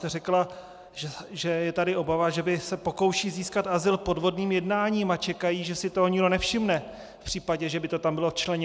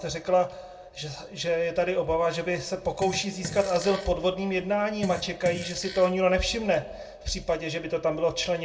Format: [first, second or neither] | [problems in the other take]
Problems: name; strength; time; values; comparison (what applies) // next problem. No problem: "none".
first | background sound (Fart); 13 dB below the speech // room echo; dies away in 0.2 s